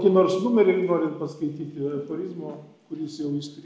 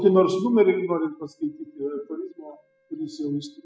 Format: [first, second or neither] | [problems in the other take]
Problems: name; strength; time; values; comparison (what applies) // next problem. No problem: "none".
first | noise reduction (classical method spectral subtraction)